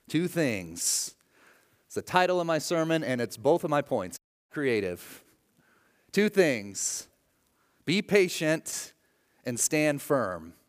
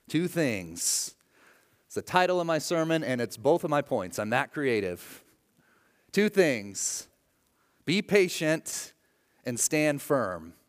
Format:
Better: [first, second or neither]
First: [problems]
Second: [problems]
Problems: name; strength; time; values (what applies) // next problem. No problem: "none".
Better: second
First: audio cutting out; at 4 s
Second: none